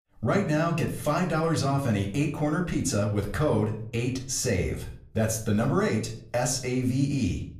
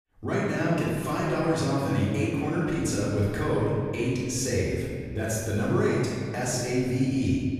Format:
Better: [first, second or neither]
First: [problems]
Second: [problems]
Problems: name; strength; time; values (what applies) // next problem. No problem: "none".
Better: first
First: room echo; slight; dies away in 0.5 s // off-mic speech; somewhat distant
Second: room echo; strong; dies away in 2.1 s // off-mic speech; far